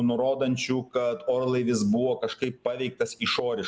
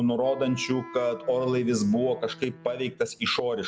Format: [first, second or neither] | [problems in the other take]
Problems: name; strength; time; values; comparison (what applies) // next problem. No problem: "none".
first | background sound (Wind instrument, woodwind instrument); 20 dB below the speech